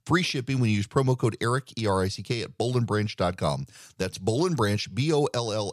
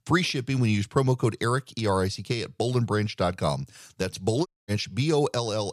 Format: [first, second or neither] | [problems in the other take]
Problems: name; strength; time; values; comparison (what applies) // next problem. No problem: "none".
first | audio cutting out; at 4.5 s